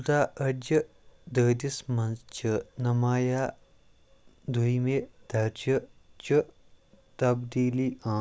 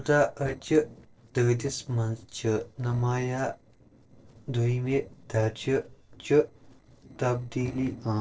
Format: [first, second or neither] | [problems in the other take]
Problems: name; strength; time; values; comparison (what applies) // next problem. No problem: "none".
first | noise reduction (neural separator model SepFormer DNS4)